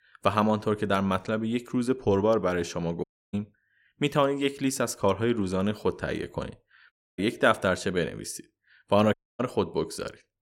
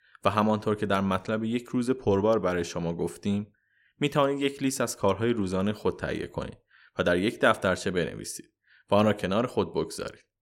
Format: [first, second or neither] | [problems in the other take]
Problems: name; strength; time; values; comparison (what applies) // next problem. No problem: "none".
second | audio cutting out; at 3 s, at 7 s and at 9 s